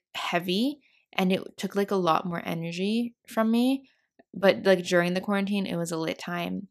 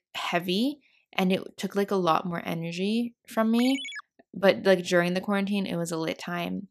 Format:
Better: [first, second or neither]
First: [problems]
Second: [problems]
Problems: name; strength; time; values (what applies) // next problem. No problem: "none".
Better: first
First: none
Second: phone ringing; noticeable; at 3.5 s; peak 7 dB below the speech